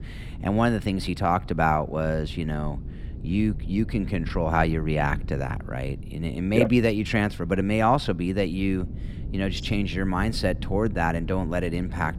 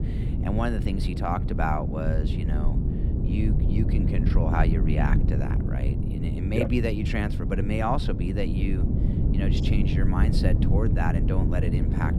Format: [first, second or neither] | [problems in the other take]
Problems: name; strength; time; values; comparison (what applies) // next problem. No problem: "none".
first | low rumble; loud; throughout; 5 dB below the speech; faint in the first